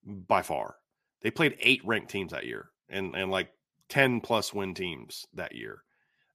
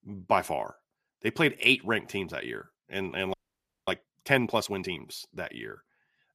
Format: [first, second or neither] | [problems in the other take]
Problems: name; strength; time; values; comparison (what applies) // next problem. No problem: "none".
first | audio freezing; at 3.5 s for 0.5 s